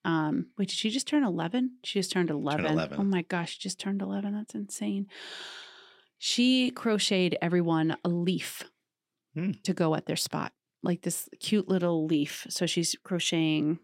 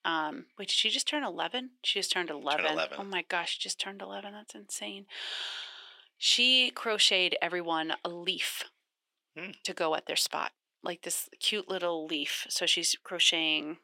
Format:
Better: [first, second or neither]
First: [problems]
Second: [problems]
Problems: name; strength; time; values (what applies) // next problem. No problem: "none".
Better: first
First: none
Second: thin; very; fading below 650 Hz